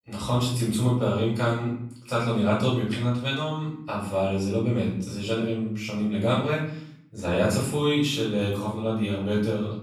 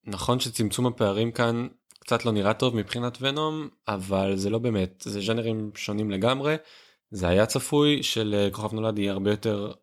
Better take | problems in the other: second | room echo; noticeable; dies away in 0.6 s // off-mic speech; far

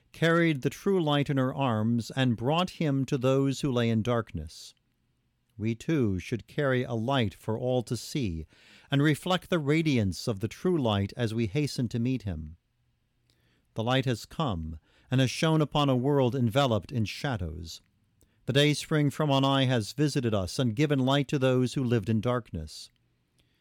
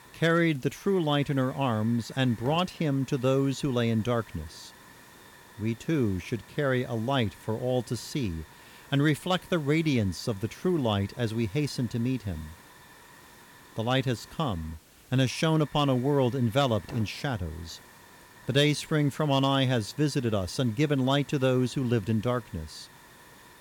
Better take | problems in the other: first | hiss; faint; throughout; 25 dB below the speech

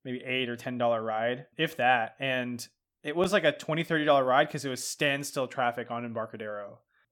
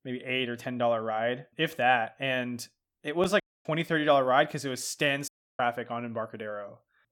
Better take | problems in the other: first | audio cutting out; at 3.5 s and at 5.5 s

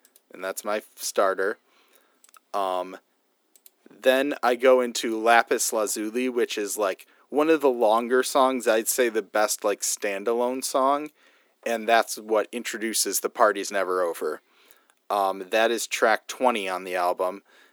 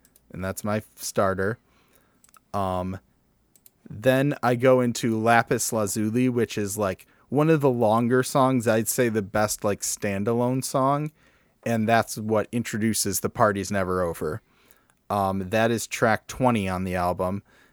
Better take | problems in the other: second | thin; somewhat; fading below 300 Hz

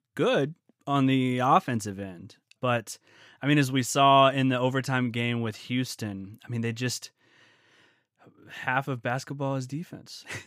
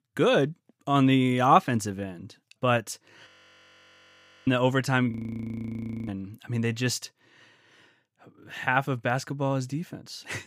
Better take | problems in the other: first | audio freezing; at 3.5 s for 1 s and at 5 s for 1 s

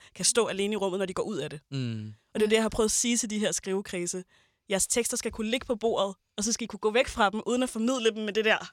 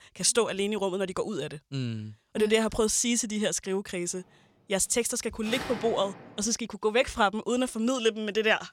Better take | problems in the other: first | door banging; noticeable; from 5.5 to 6.5 s; peak 8 dB below the speech

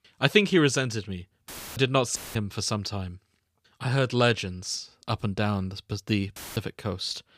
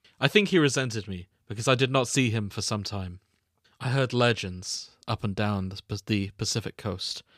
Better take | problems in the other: second | audio cutting out; filled with static; at 1.5 s, at 2 s and at 6.5 s

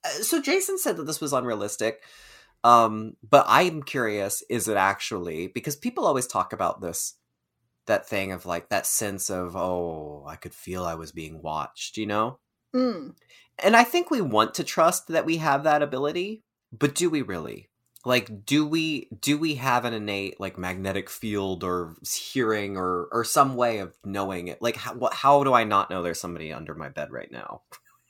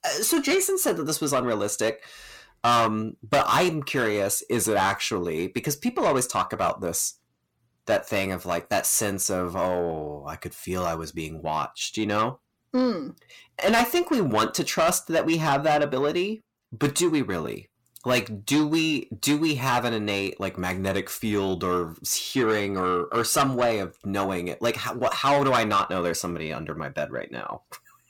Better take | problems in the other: first | distortion; heavy; 7 dB below the speech

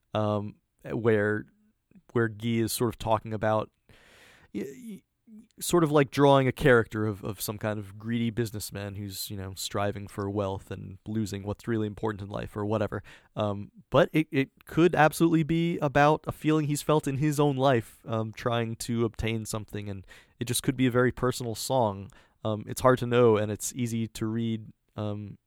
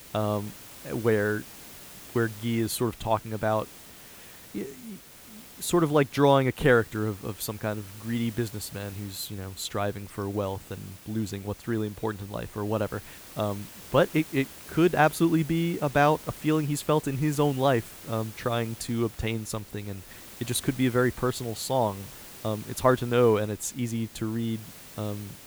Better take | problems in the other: first | hiss; noticeable; throughout; 15 dB below the speech

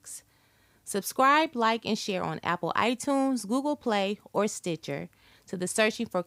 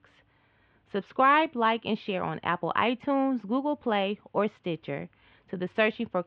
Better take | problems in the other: first | muffled; very; fading above 3 kHz

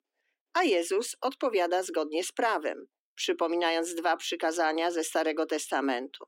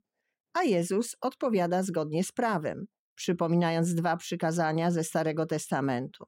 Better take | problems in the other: second | thin; somewhat; fading below 250 Hz

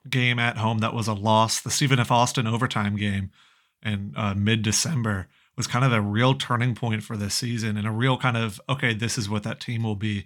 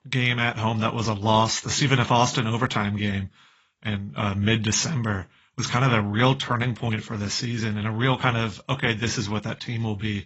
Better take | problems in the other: first | garbled, watery; badly; nothing above 7.5 kHz

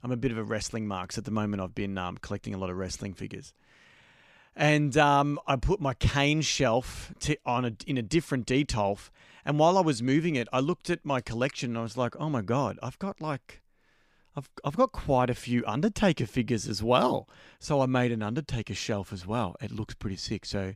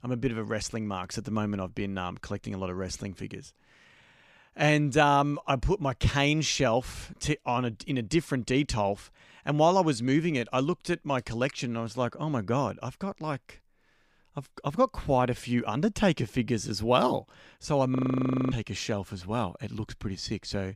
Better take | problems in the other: first | audio freezing; at 18 s for 0.5 s

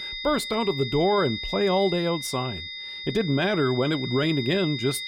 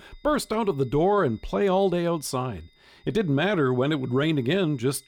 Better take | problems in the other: second | high-pitched whine; loud; throughout; 3.5 kHz, 7 dB below the speech; faint in the second

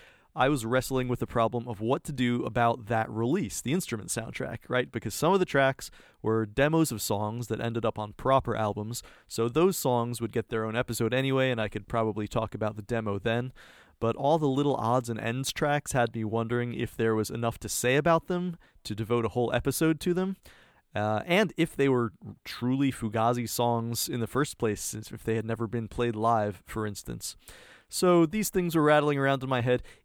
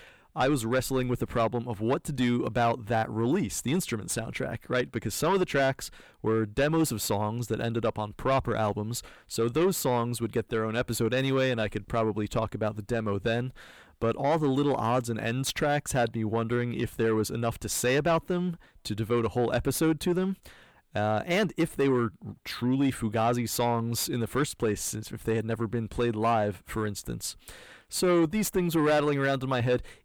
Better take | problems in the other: first | distortion; slight; 10 dB below the speech

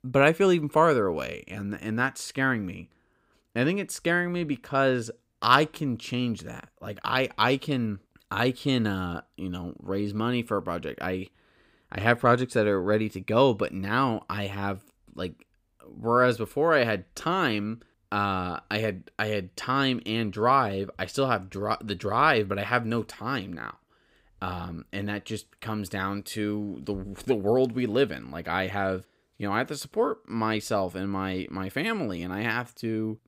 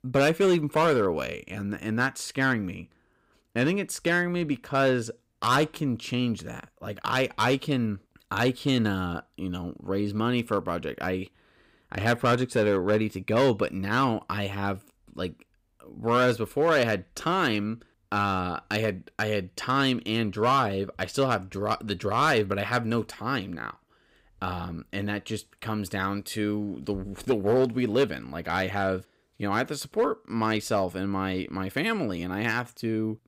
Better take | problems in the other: first | distortion; slight; 3% of the sound clipped

